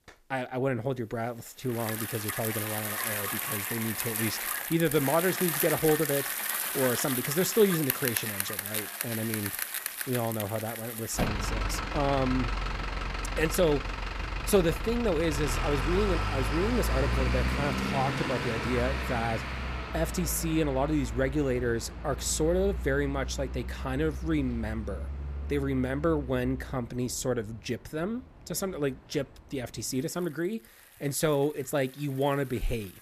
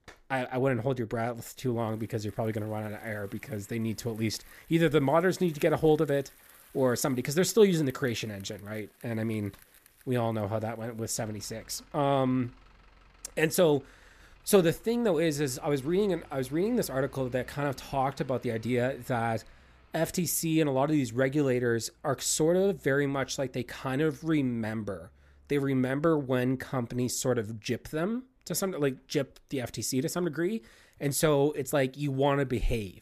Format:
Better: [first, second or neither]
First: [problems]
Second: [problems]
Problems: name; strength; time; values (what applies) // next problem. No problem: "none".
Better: second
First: traffic noise; loud; throughout; 2 dB below the speech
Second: traffic noise; faint; throughout; 30 dB below the speech